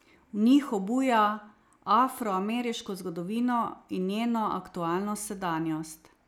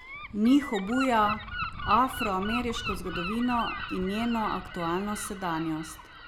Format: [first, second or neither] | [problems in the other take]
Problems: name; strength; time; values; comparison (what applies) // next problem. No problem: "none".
first | background sound (Gull, seagull); 8 dB below the speech